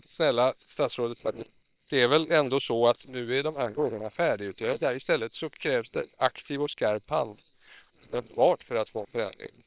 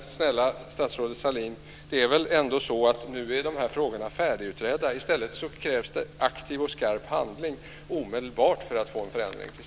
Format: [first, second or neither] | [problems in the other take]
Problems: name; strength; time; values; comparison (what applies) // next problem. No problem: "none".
second | noise reduction (neural separator model SepFormer WHAM!)